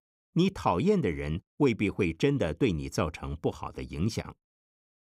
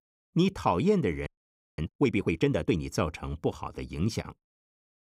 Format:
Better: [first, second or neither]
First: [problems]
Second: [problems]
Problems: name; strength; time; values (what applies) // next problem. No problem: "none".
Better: first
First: none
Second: audio freezing; at 1.5 s for 0.5 s